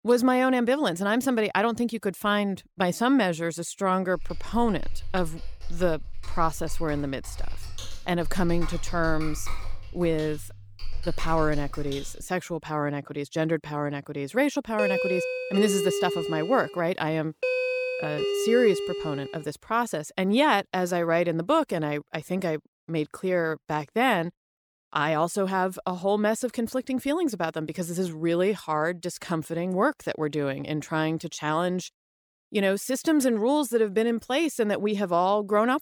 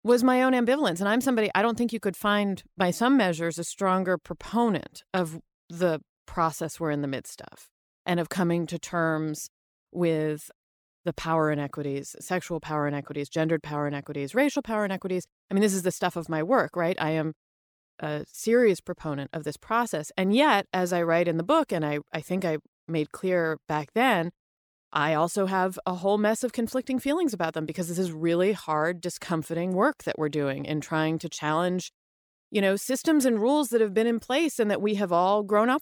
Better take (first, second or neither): second